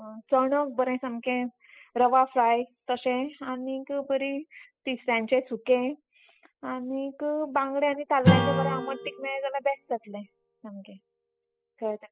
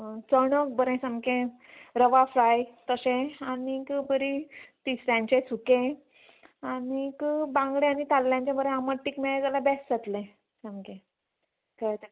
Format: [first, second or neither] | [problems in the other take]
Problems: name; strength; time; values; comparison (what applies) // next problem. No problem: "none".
second | noise reduction (classical method spectral subtraction)